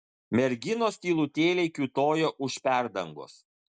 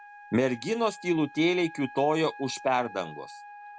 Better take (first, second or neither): first